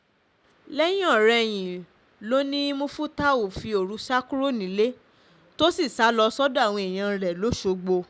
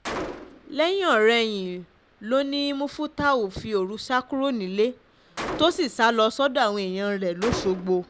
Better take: first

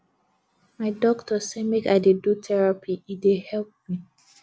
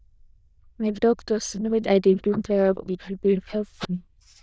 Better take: first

